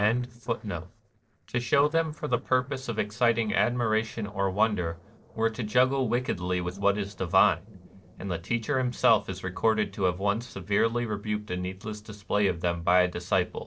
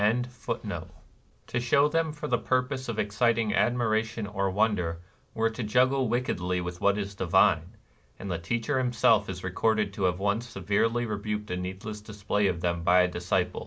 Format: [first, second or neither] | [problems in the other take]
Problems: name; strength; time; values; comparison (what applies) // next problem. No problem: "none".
second | noise reduction (neural separator model SepFormer DNS4)